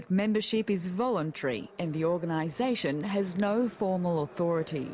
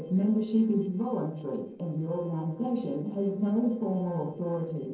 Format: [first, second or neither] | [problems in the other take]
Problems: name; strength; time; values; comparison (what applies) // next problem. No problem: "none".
first | noise reduction (neural separator model SepFormer DNS4)